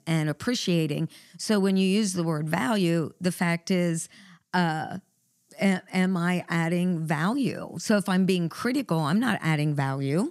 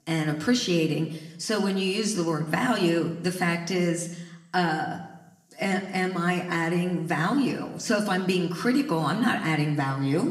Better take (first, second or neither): first